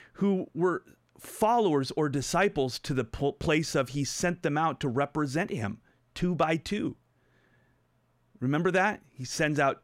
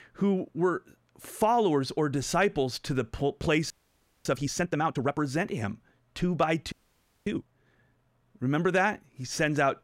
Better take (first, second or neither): first